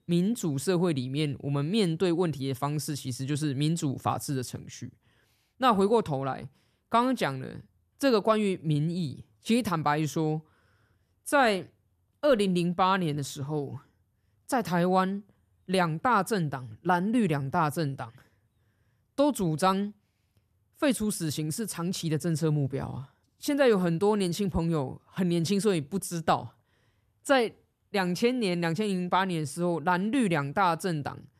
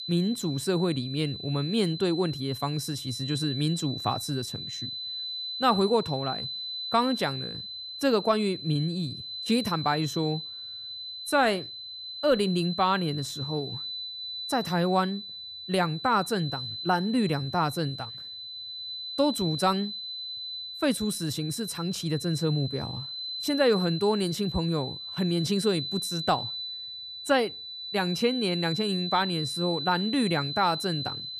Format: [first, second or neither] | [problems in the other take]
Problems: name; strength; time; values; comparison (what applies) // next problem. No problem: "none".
first | high-pitched whine; loud; throughout; 4 kHz, 6 dB below the speech